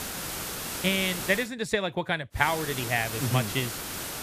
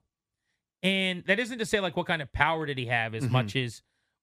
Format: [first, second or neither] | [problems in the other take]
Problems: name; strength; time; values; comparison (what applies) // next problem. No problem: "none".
second | hiss; loud; until 1.5 s and from 2.5 s on; 5 dB below the speech